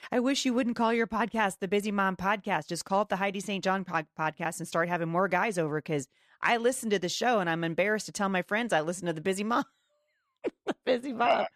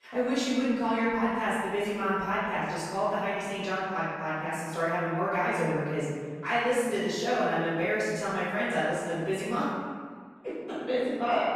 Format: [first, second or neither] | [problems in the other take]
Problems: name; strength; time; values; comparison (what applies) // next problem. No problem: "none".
first | off-mic speech; far // room echo; strong; dies away in 1.6 s